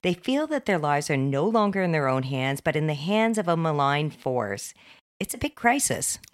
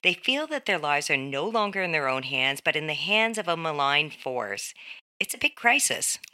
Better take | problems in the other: first | thin; somewhat; fading below 600 Hz

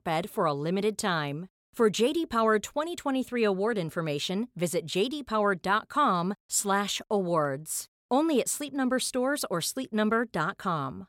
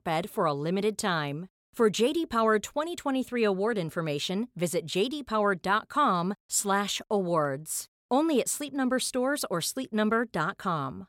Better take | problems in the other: neither | none

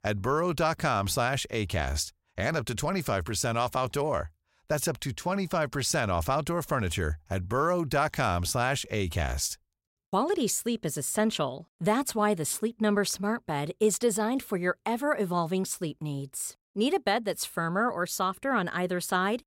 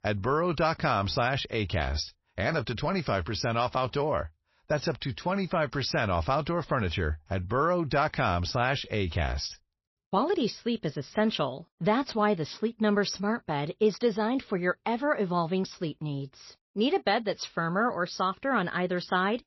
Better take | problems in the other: first | garbled, watery; slightly; nothing above 5.5 kHz

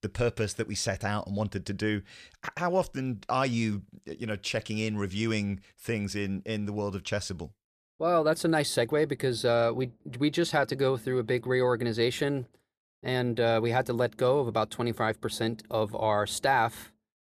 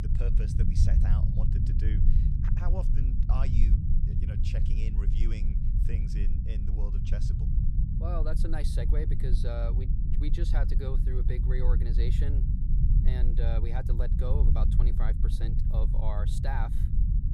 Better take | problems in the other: first | low rumble; loud; throughout; 2 dB below the speech

